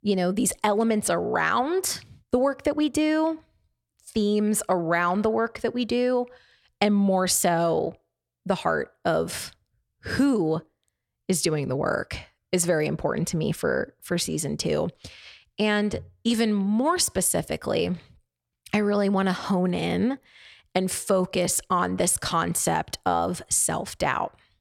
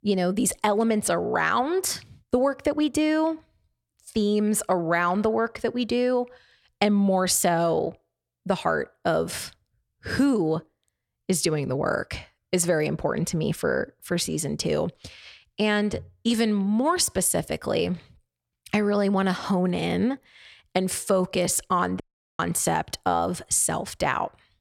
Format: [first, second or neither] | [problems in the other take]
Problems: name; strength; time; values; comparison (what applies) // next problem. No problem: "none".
first | audio cutting out; at 22 s